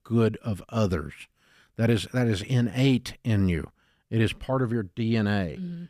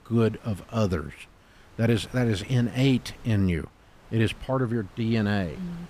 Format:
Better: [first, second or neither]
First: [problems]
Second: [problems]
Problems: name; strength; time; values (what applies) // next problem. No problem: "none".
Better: first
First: none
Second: wind noise on the microphone; occasional gusts; 20 dB below the speech